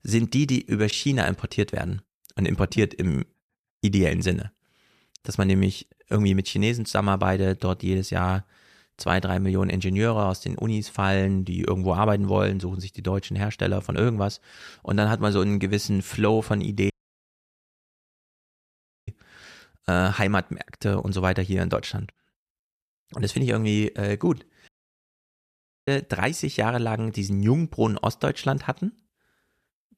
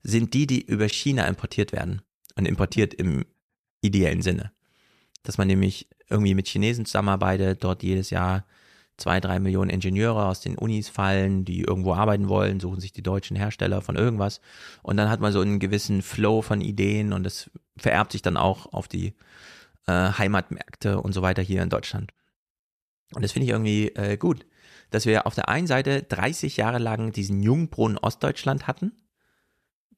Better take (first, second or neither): second